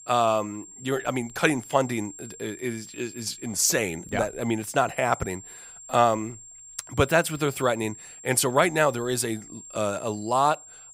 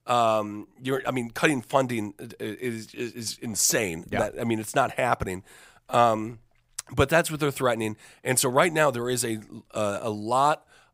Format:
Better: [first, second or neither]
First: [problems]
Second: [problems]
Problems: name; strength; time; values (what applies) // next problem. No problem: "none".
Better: second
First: high-pitched whine; noticeable; throughout; 7.5 kHz, 15 dB below the speech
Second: none